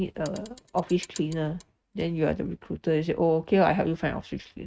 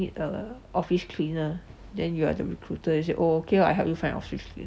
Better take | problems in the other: second | noise reduction (neural mask model RNNoise)

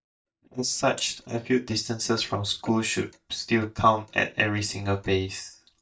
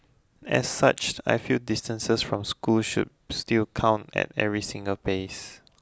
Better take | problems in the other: second | noise reduction (neural mask model DeepFilterNet 3)

